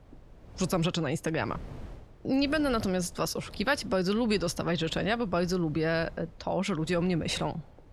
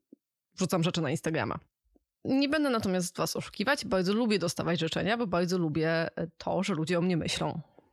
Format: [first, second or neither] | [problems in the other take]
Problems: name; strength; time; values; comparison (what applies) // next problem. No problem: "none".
second | wind noise on the microphone; occasional gusts; 25 dB below the speech